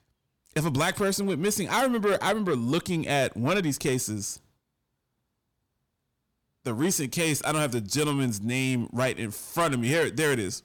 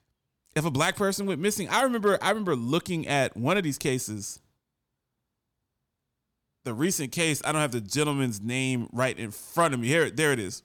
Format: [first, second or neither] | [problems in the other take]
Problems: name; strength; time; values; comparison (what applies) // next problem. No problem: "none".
second | distortion; slight; 10 dB below the speech